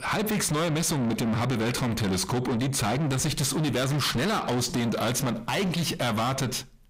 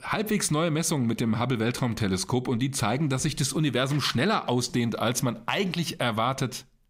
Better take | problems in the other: second | distortion; heavy; 7 dB below the speech

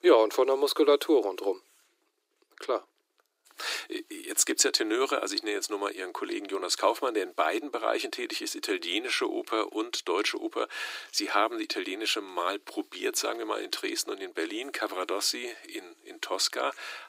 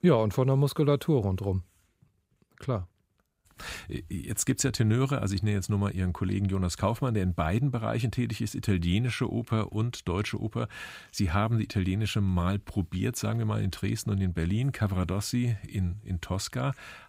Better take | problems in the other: second | thin; very; fading below 300 Hz

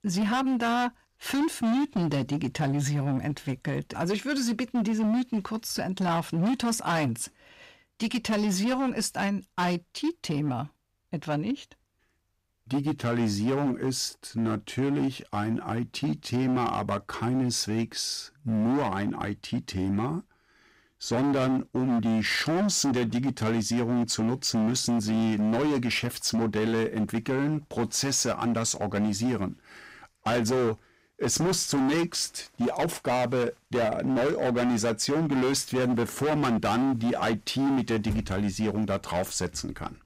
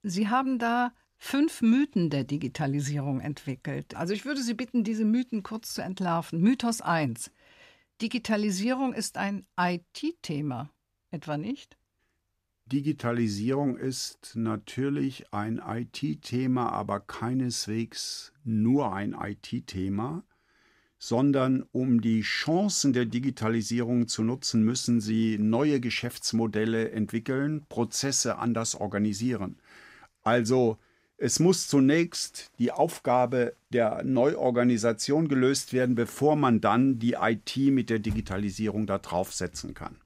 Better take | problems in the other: second | distortion; heavy; 19% of the sound clipped

